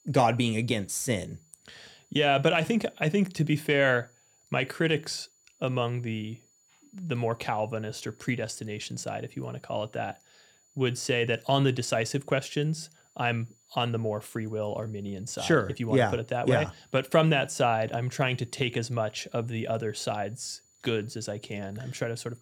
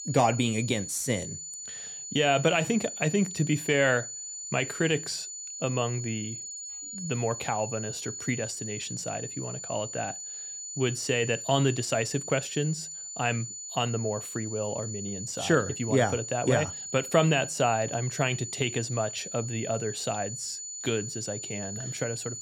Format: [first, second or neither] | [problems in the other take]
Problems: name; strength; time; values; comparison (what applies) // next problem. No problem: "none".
first | high-pitched whine; loud; throughout; 7 kHz, 7 dB below the speech; faint in the first